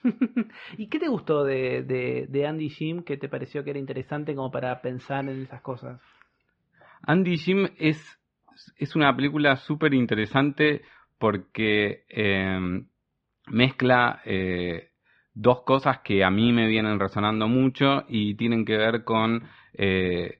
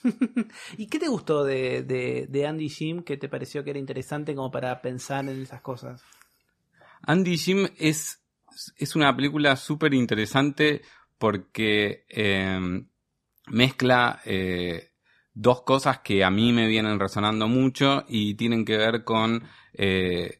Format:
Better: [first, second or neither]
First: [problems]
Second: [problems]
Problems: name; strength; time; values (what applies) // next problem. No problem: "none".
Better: second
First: muffled; slightly; fading above 3.5 kHz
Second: none